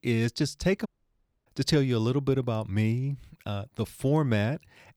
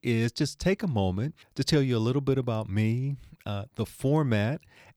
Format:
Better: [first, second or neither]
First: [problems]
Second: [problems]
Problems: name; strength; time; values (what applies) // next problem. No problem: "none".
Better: second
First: audio cutting out; at 1 s for 0.5 s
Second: none